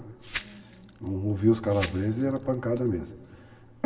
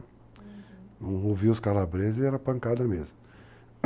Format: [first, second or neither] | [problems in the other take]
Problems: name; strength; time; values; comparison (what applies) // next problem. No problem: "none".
second | background sound (Glass); 14 dB below the speech // room echo; dies away in 1.3 s